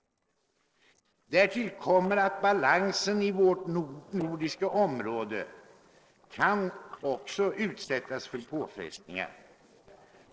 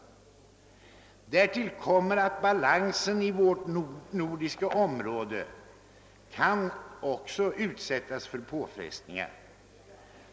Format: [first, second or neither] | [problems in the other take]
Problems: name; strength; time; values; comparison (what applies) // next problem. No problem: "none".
second | noise reduction (neural separator model SepFormer DNS4)